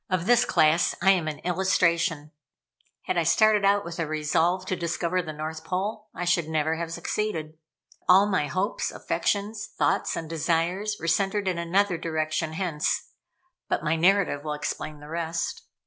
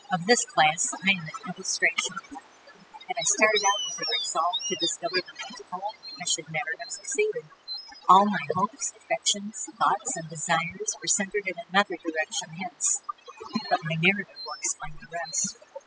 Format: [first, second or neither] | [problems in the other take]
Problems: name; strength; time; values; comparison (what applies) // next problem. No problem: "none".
first | noise reduction (classical method spectral subtraction)